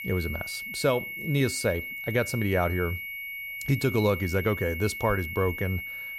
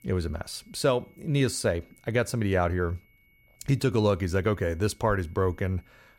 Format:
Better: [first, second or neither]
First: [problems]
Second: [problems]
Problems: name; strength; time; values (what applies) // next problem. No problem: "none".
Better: second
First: high-pitched whine; loud; throughout; 2 kHz, 6 dB below the speech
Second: high-pitched whine; faint; throughout; 2 kHz, 35 dB below the speech